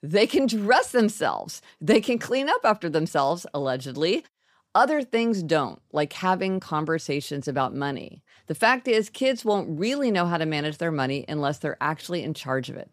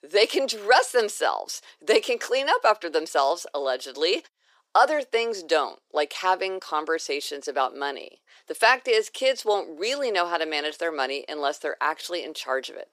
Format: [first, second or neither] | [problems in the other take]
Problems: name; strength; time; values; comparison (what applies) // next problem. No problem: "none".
first | thin; very; fading below 350 Hz